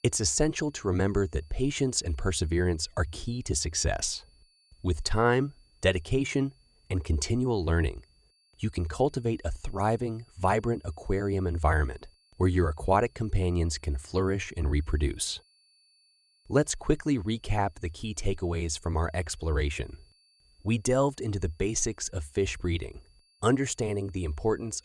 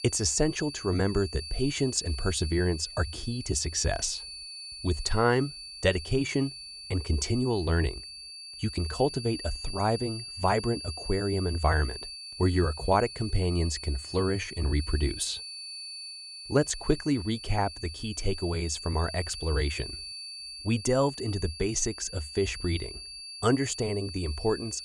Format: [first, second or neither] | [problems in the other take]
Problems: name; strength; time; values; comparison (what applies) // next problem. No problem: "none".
first | high-pitched whine; loud; throughout; 4.5 kHz, 10 dB below the speech; faint in the first